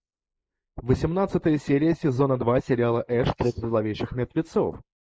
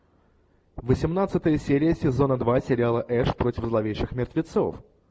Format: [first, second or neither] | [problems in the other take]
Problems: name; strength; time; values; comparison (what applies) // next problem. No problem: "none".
second | noise reduction (neural mask model Resemble Enhance denoiser)